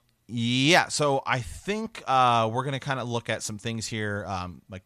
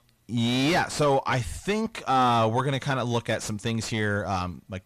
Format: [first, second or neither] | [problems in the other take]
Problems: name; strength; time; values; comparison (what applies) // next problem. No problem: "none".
first | distortion; heavy; 6 dB below the speech